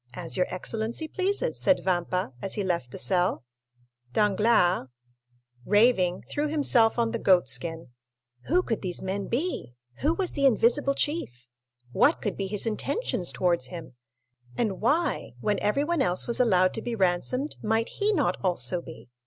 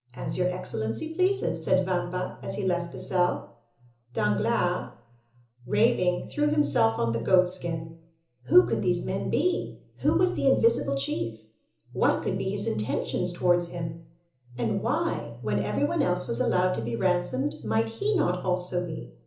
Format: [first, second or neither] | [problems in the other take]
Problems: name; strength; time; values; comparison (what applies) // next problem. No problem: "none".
first | room echo; dies away in 0.7 s